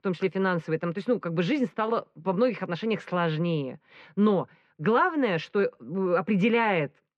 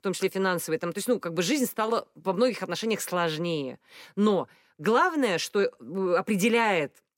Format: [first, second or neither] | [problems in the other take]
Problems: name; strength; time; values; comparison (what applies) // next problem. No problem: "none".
second | muffled; slightly; fading above 3 kHz